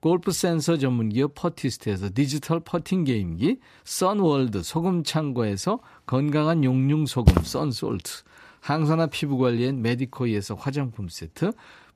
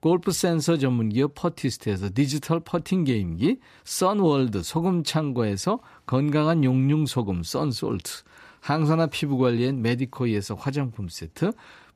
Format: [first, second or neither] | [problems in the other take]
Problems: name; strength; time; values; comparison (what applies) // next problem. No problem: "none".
second | footsteps; loud; at 7.5 s; peak 4 dB above the speech